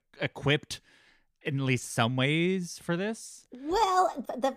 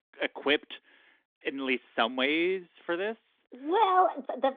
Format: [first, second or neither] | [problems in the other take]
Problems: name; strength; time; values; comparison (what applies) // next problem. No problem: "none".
first | phone-call audio; nothing above 3.5 kHz